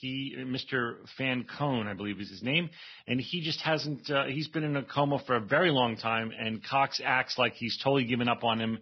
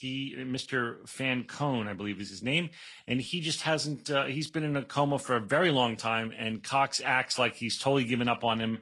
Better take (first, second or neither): second